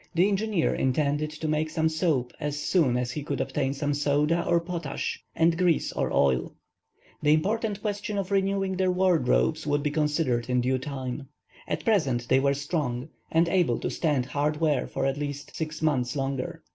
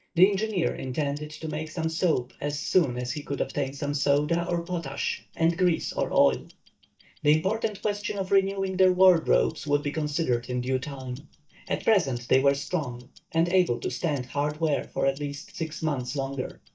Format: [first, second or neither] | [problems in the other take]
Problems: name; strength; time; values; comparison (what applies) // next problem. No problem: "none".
first | noise reduction (neural mask model DeepFilterNet 3)